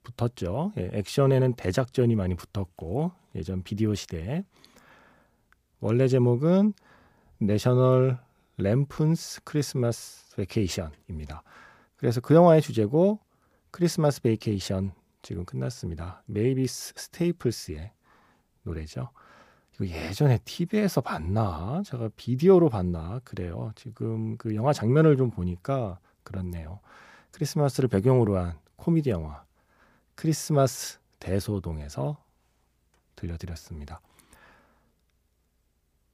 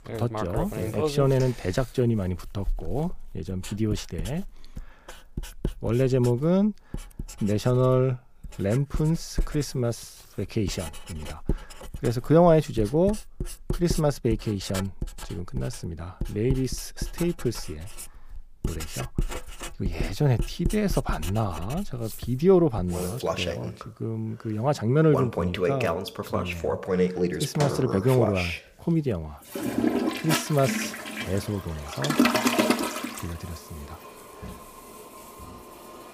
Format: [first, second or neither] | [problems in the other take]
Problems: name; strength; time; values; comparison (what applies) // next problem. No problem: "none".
first | household noises; loud; throughout; 5 dB below the speech